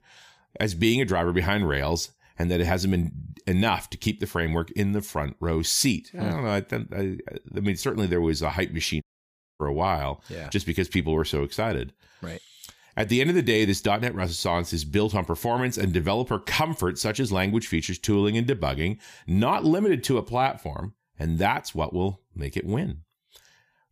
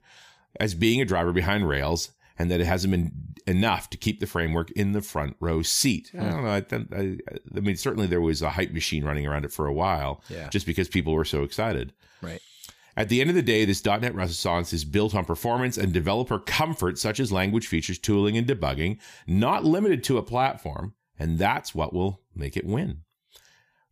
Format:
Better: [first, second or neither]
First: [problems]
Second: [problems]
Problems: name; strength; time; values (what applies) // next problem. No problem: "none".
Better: second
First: audio cutting out; at 9 s for 0.5 s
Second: none